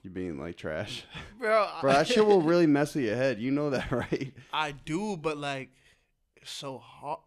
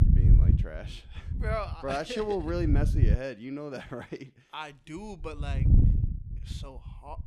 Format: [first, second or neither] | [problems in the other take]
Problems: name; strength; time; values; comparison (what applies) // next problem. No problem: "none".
first | wind noise on the microphone; heavy; until 3 s and from 5 s on; 5 dB below the speech